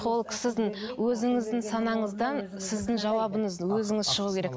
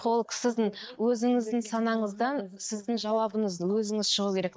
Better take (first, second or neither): first